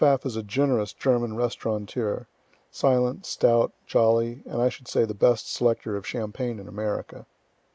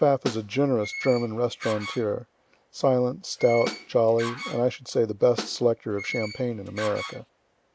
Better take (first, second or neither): first